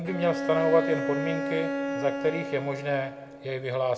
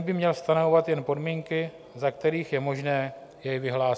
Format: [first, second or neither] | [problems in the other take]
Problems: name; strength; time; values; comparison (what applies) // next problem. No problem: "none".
second | background sound (Bowed string instrument); 4 dB below the speech // room echo; dies away in 1.3 s